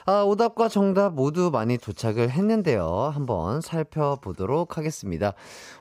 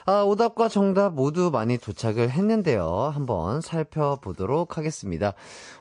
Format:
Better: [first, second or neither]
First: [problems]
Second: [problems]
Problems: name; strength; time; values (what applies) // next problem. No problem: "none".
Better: first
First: none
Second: garbled, watery; slightly; nothing above 8.5 kHz